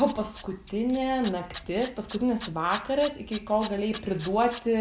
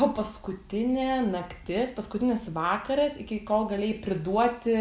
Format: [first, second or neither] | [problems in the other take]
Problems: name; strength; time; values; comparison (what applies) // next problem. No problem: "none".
second | background sound (Tools); 18 dB below the speech